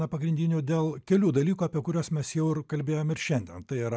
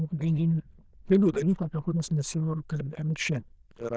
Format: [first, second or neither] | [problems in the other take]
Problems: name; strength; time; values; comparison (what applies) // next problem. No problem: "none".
first | noise reduction (neural diffusion model UNIVERSE++)